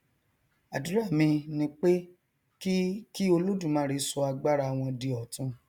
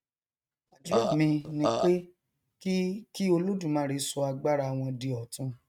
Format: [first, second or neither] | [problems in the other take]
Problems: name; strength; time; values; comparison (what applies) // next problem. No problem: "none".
first | noise reduction (neural mask model RNNoise)